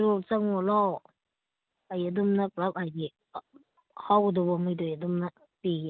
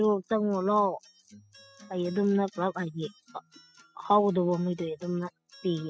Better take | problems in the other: first | noise reduction (classical method spectral subtraction)

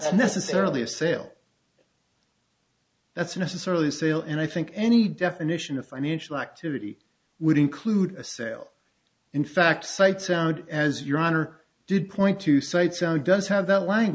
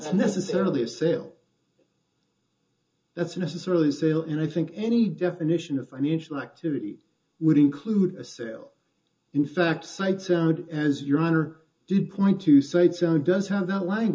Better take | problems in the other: first | room echo; dies away in 0.2 s

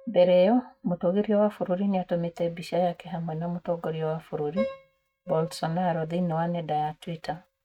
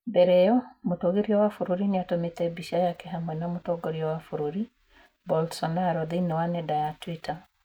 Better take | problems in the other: second | noise reduction (neural mask model RNNoise)

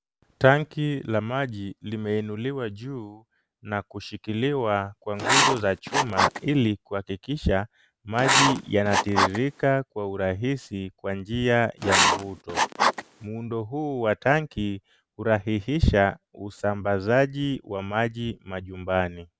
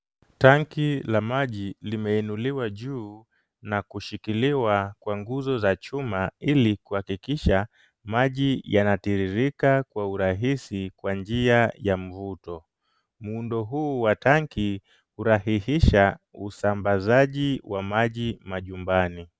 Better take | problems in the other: second | background sound (Writing); 2 dB above the speech

